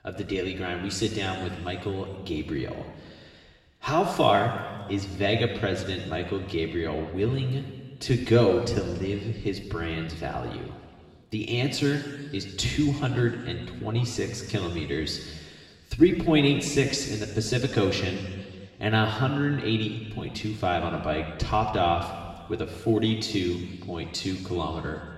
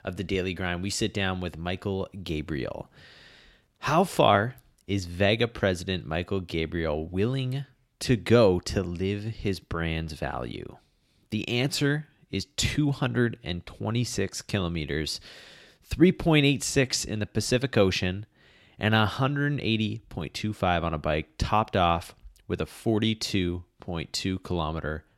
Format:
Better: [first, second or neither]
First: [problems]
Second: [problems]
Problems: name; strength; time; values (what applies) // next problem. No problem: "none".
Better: second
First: room echo; noticeable; dies away in 1.7 s // off-mic speech; far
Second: none